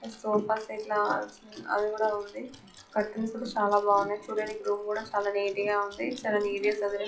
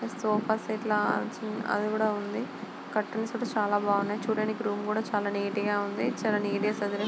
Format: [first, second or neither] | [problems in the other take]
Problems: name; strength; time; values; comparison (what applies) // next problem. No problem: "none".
second | noise reduction (classical method WPE with log-MMSE)